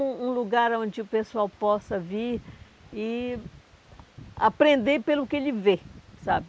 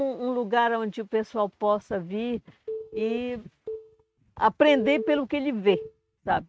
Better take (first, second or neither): first